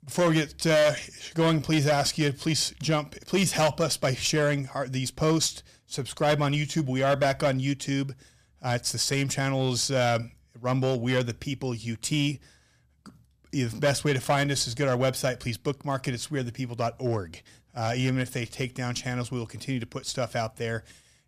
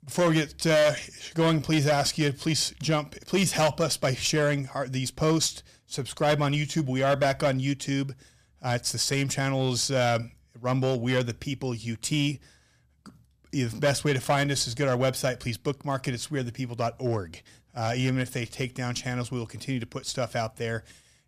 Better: neither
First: distortion; slight; 4% of the sound clipped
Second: distortion; slight; 4% of the sound clipped

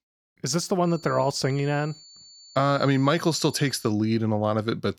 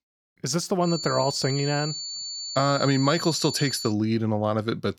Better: first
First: high-pitched whine; faint; from 1 to 4 s; 4.5 kHz, 20 dB below the speech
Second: high-pitched whine; loud; from 1 to 4 s; 4.5 kHz, 6 dB below the speech

